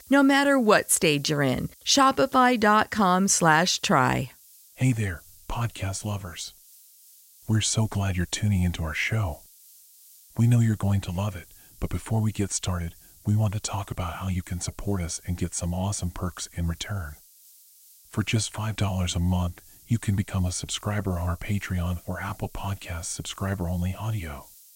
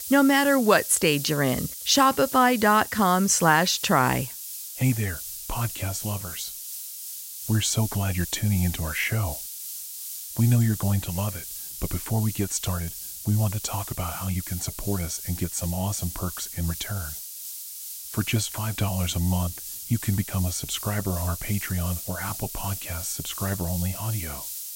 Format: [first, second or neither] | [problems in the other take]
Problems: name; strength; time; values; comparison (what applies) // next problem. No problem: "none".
first | hiss; loud; throughout; 8 dB below the speech; faint in the first